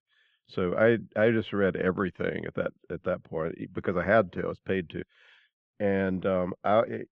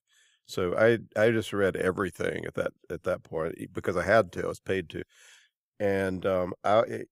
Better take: second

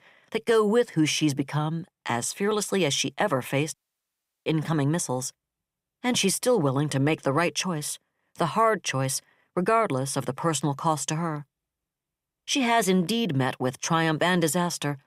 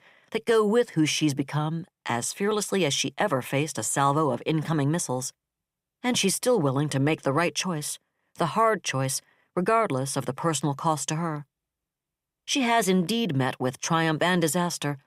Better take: second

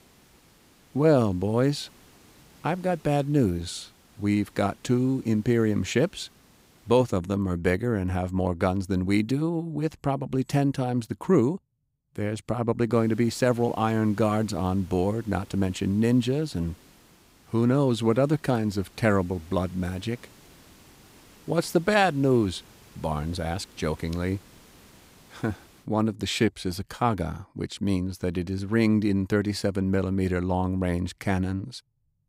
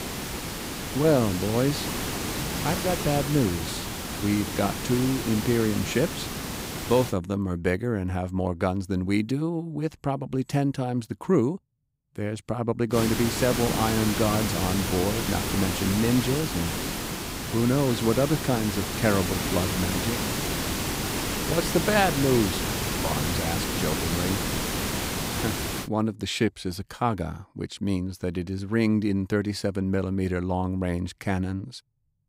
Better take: first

